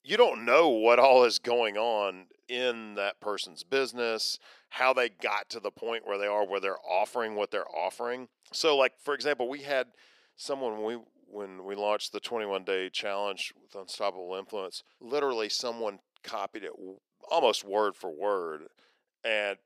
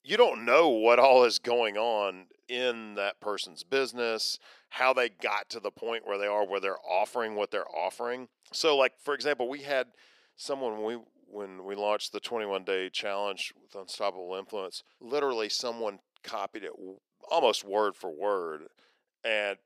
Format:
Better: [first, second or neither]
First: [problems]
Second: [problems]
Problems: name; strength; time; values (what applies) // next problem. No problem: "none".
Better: neither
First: thin; very; fading below 400 Hz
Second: thin; very; fading below 400 Hz